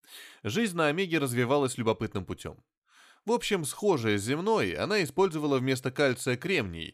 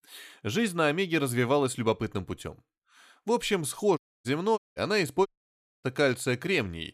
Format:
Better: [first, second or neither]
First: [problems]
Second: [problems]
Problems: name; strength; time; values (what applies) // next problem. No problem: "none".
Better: first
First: none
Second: audio cutting out; at 4 s, at 4.5 s and at 5.5 s for 0.5 s